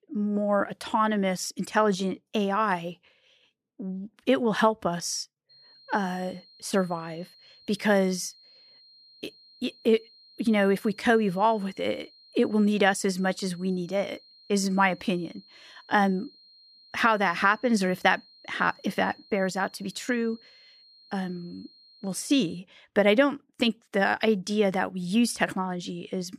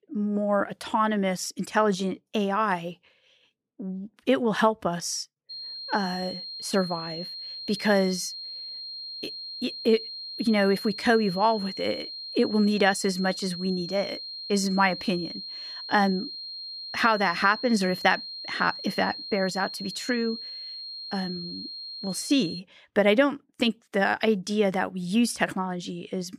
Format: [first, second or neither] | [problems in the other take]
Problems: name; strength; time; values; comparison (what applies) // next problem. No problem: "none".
first | high-pitched whine; loud; from 5.5 to 23 s; 4 kHz, 9 dB below the speech; faint in the first